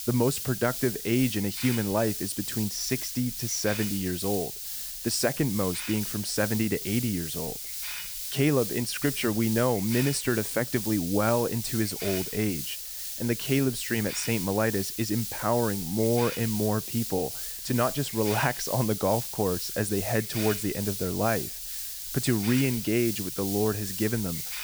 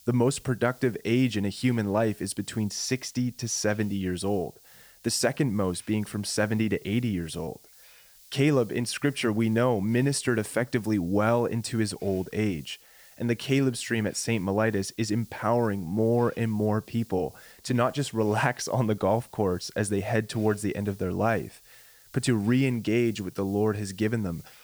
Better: second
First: hiss; loud; throughout; 5 dB below the speech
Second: hiss; faint; throughout; 25 dB below the speech

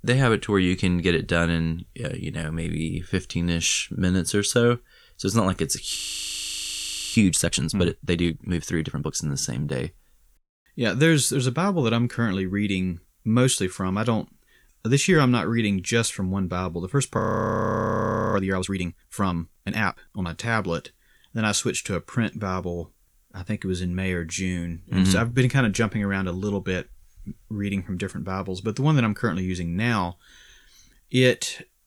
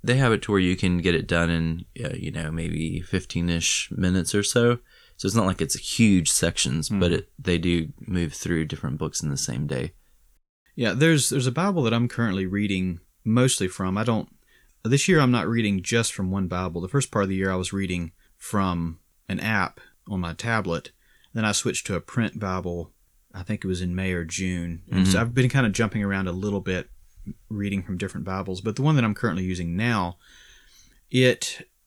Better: second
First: audio freezing; at 6 s for 1 s and at 17 s for 1 s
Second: none

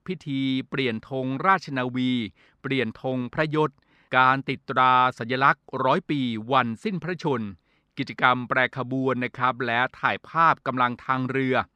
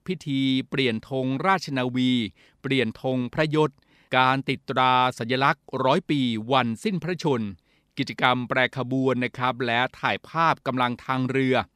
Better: second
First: muffled; very slightly; fading above 4 kHz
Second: none

